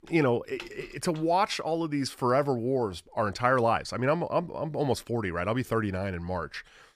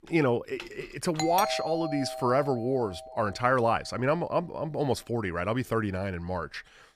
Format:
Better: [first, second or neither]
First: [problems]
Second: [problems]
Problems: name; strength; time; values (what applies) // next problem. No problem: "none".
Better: first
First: none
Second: doorbell; noticeable; from 1 to 3 s; peak 2 dB below the speech